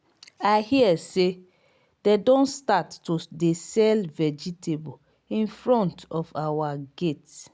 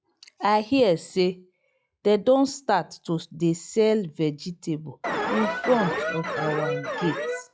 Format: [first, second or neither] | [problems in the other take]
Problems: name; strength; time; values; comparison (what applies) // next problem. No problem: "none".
first | noise reduction (classical method log-MMSE)